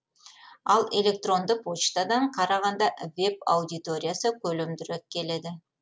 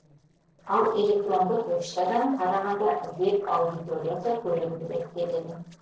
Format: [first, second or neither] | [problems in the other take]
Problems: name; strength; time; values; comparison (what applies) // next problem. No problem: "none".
first | noise reduction (neural separator model SepFormer DNS4)